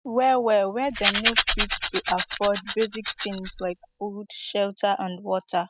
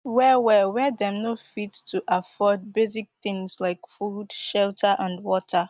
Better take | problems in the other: second | noise reduction (classical method spectral subtraction)

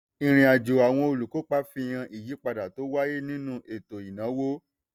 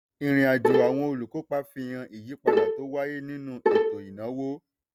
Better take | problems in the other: first | background sound (Bowed string instrument); 3 dB above the speech

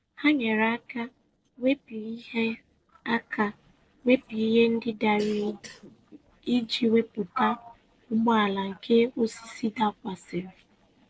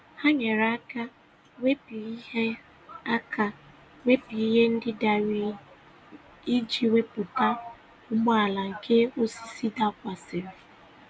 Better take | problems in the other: second | noise reduction (neural separator model SepFormer DNS4)

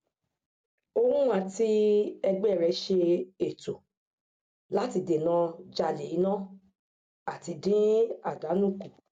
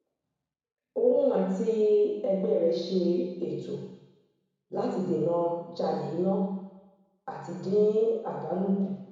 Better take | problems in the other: first | room echo; dies away in 1.1 s

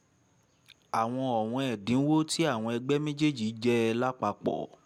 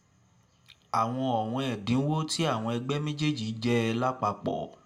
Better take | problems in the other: first | room echo; dies away in 0.4 s

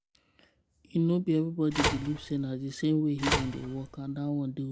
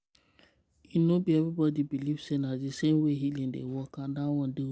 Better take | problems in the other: second | background sound (Telephone); 4 dB below the speech

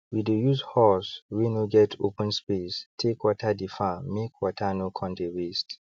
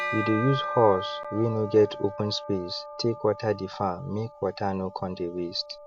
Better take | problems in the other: first | background sound (Bell); 9 dB below the speech

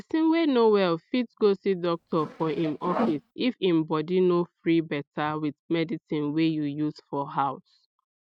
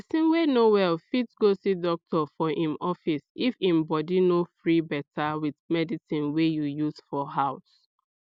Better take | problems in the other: second | noise reduction (neural mask model RNNoise)

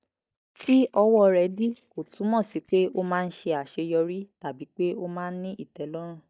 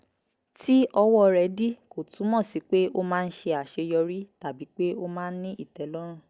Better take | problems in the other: second | noise reduction (neural mask model DeepFilterNet 3)

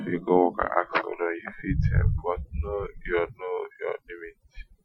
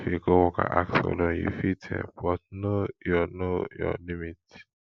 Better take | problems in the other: second | noise reduction (classical method Wiener filter)

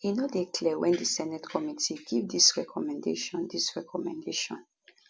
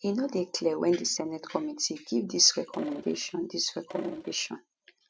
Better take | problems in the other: first | noise reduction (neural mask model RNNoise)

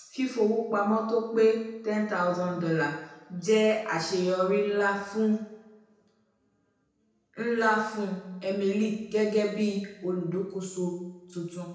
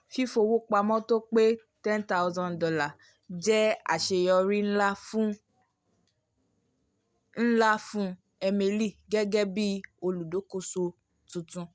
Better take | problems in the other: second | room echo; dies away in 0.9 s

